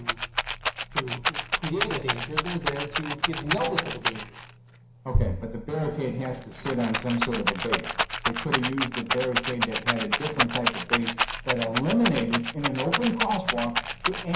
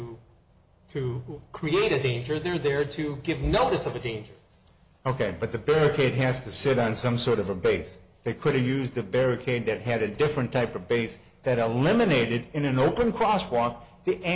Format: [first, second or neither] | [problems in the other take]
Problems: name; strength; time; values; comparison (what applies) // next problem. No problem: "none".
second | background sound (Rattle); 1 dB above the speech // room echo; dies away in 0.5 s